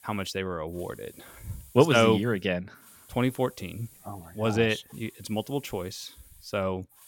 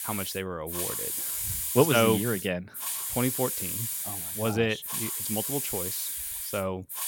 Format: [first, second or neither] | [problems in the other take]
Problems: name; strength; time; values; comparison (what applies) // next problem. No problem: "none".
first | hiss; loud; throughout; 1 dB below the speech; faint in the first